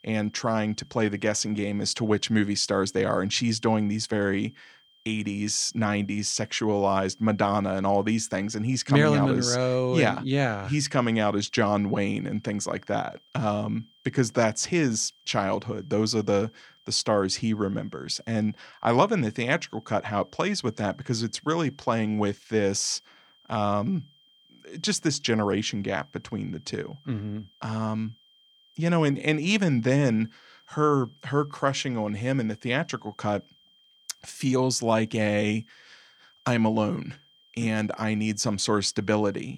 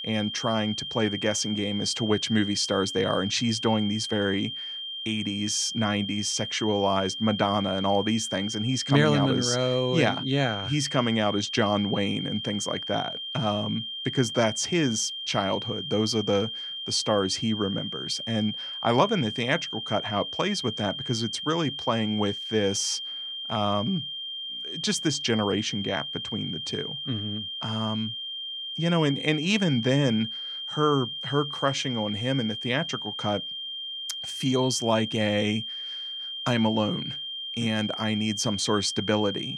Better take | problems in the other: first | high-pitched whine; loud; throughout; 3 kHz, 5 dB below the speech; faint in the first

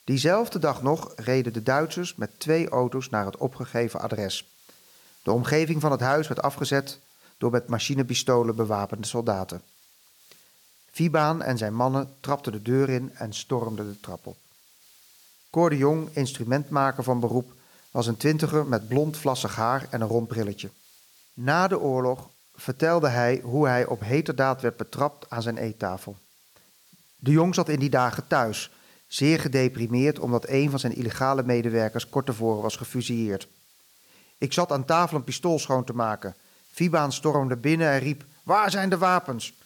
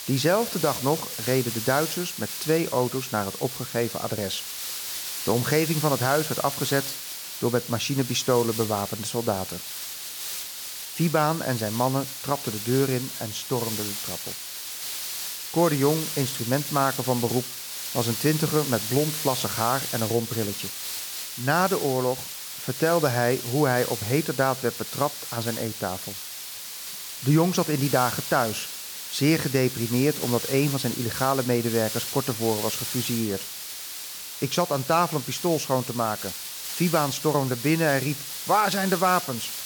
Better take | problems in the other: first | hiss; loud; throughout; 5 dB below the speech; faint in the first

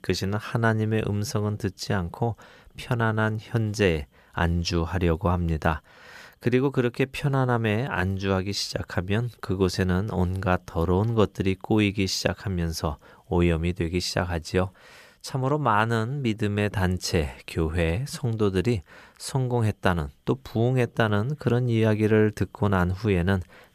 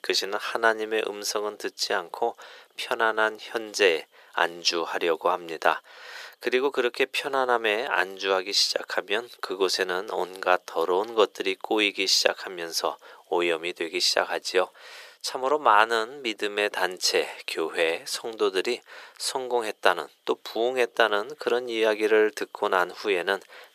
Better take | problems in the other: first | thin; very; fading below 400 Hz

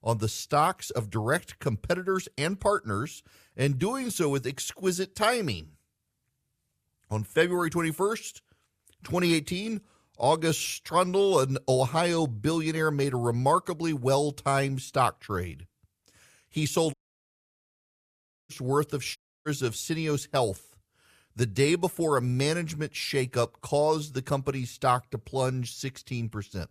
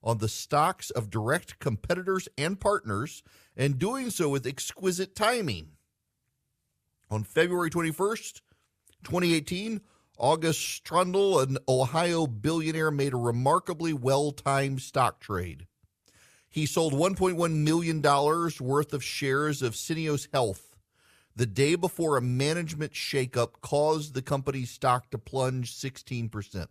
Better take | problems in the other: second | audio cutting out; at 17 s for 1.5 s and at 19 s

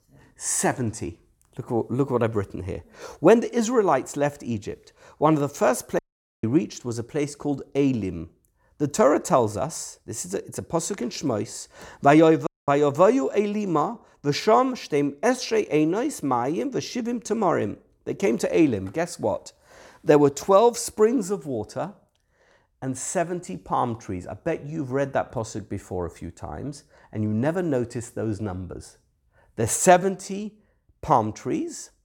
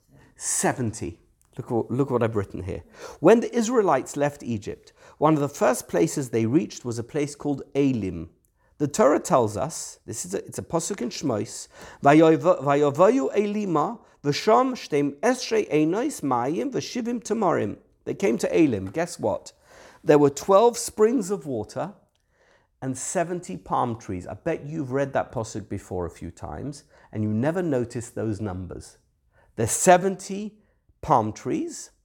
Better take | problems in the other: second | audio cutting out; at 6 s and at 12 s

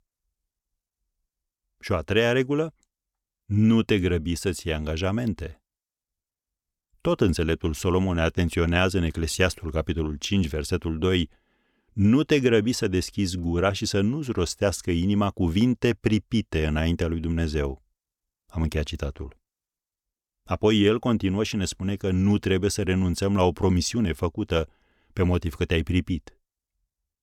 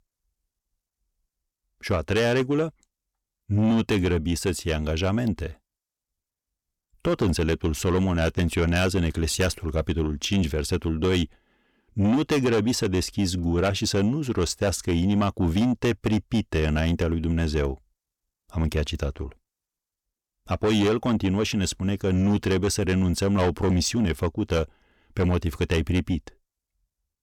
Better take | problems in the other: first | distortion; slight; 10 dB below the speech

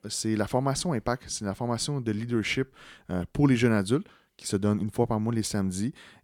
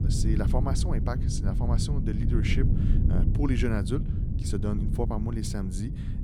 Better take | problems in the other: first | low rumble; loud; throughout; 4 dB below the speech

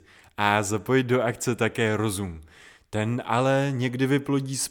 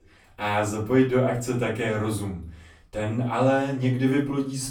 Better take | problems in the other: first | off-mic speech; far // room echo; slight; dies away in 0.4 s

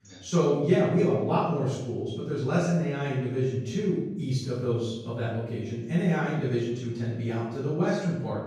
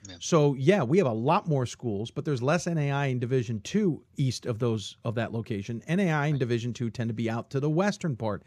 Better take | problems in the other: second | off-mic speech; far // room echo; strong; dies away in 0.8 s

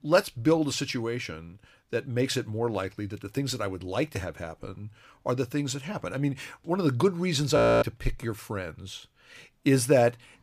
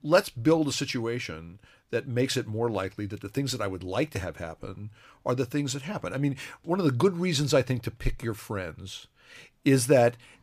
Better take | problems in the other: second | audio freezing; at 7.5 s

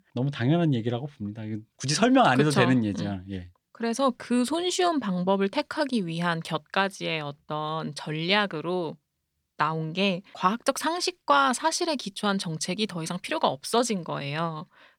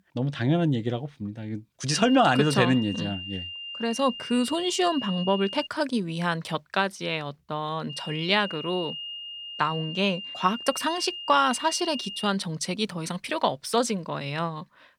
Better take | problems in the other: first | high-pitched whine; loud; from 2 to 5.5 s and from 8 to 12 s; 3 kHz, 9 dB below the speech

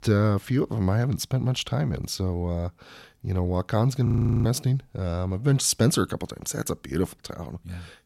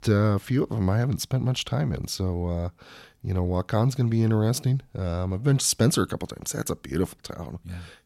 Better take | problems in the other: second | audio freezing; at 4 s

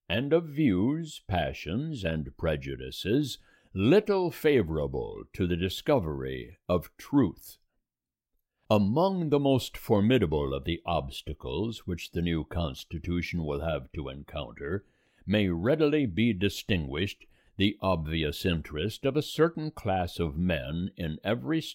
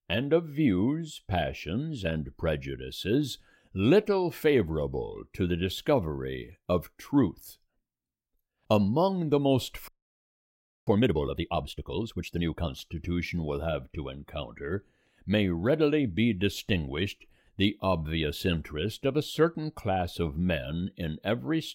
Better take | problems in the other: first | audio freezing; at 10 s for 1 s

